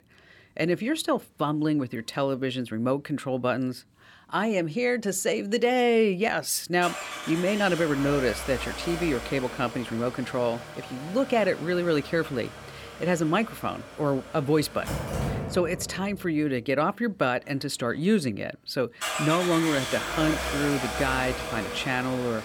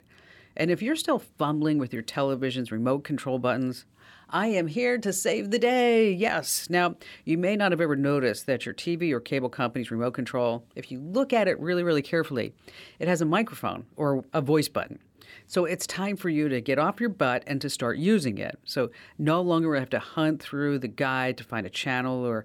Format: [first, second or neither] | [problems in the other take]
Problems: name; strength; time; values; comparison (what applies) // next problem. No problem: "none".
second | traffic noise; loud; throughout; 7 dB below the speech